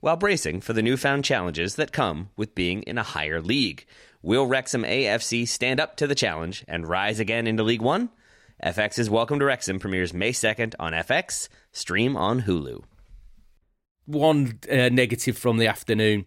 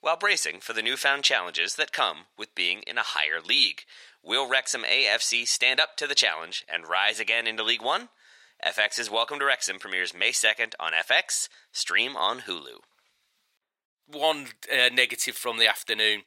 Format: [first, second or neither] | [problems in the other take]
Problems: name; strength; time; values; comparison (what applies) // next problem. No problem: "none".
first | thin; very; fading below 850 Hz